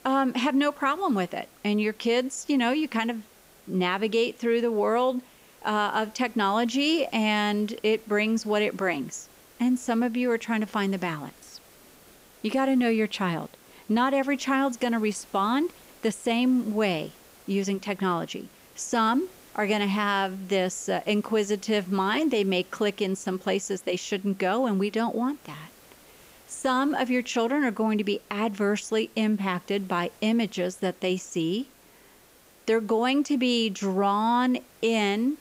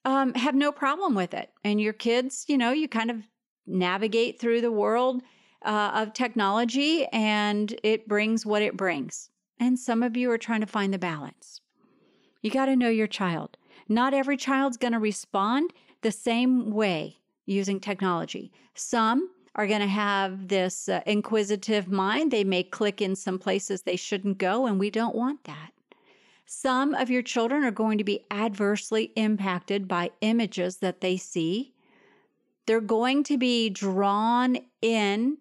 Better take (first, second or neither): second